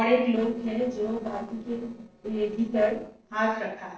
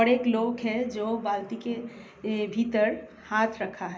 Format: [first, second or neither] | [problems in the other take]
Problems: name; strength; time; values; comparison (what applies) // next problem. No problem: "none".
second | noise reduction (neural separator model SepFormer DNS4)